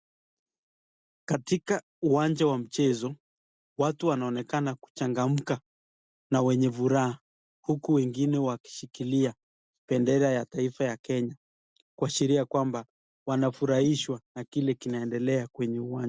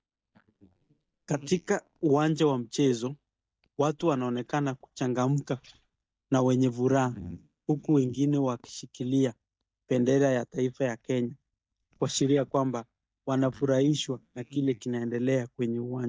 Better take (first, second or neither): first